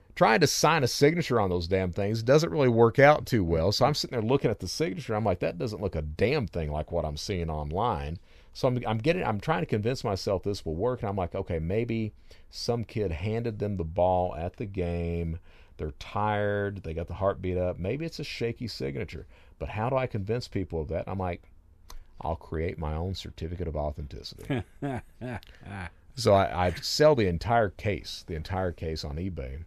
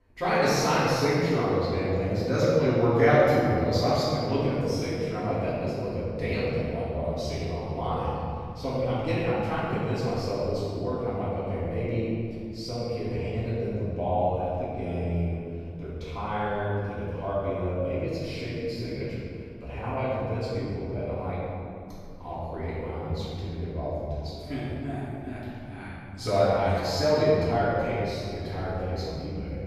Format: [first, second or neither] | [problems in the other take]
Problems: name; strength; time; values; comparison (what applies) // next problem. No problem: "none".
first | off-mic speech; far // room echo; strong; dies away in 2.4 s